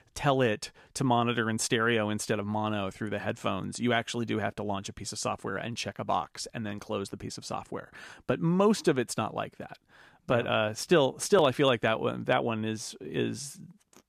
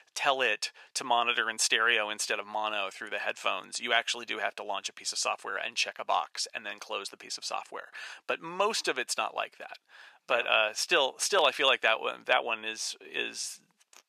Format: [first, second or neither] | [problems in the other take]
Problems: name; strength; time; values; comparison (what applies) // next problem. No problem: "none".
first | thin; very; fading below 700 Hz